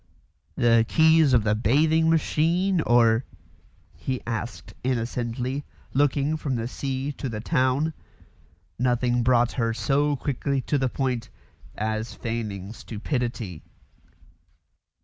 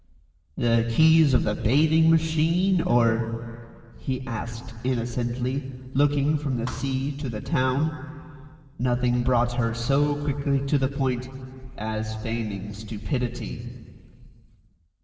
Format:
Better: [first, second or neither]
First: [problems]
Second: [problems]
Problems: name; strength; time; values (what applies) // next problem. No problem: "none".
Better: first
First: none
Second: noise reduction (neural separator model SepFormer DNS4)